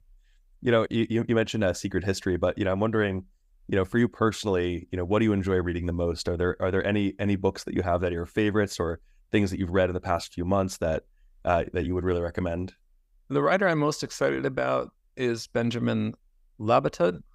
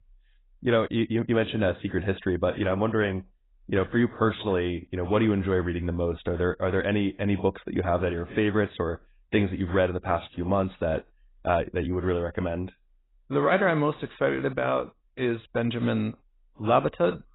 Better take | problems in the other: first | garbled, watery; badly; nothing above 4 kHz

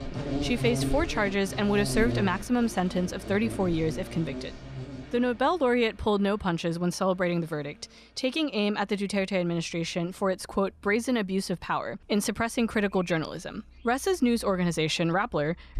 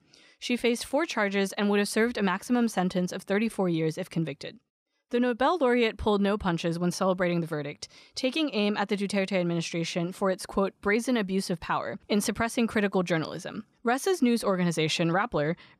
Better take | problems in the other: second | animal sounds; loud; throughout; 7 dB below the speech

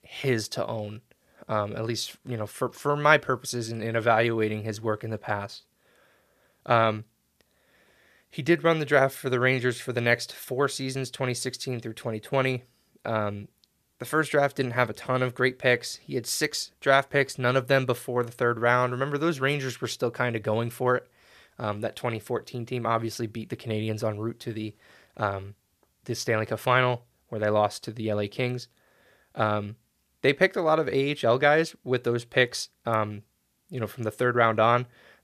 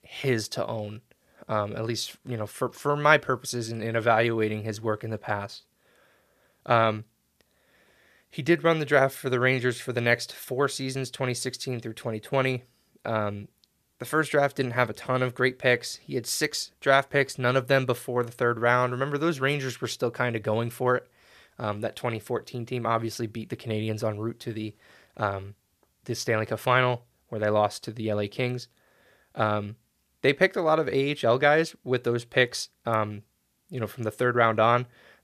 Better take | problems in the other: neither | none

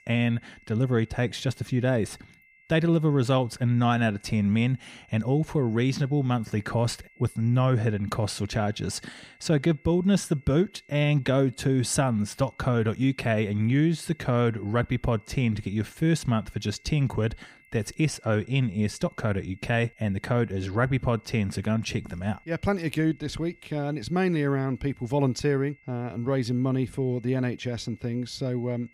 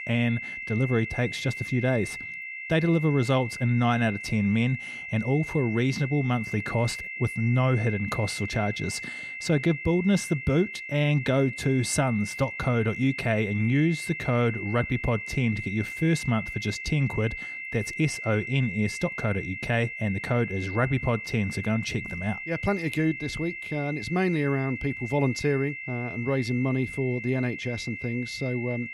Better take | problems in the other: first | high-pitched whine; loud; throughout; 2 kHz, 7 dB below the speech; faint in the first

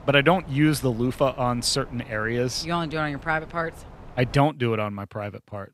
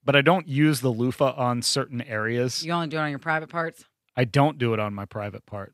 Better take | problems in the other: second | wind noise on the microphone; occasional gusts; until 4.5 s; 20 dB below the speech

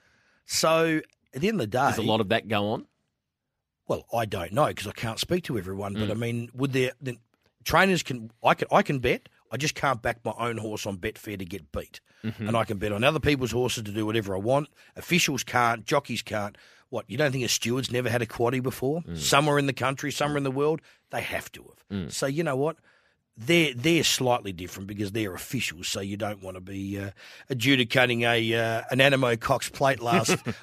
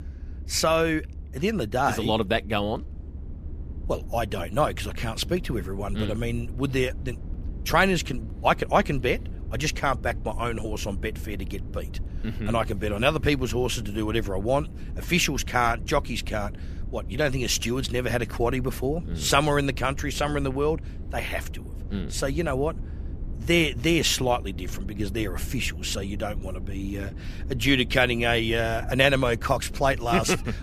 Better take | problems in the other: first | low rumble; faint; throughout; 25 dB below the speech

